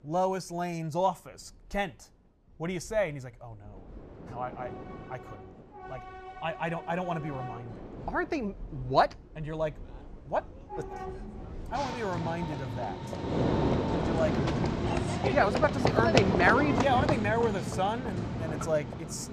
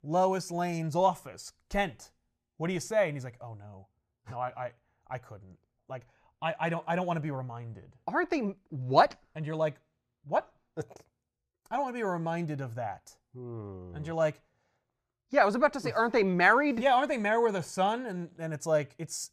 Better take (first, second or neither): second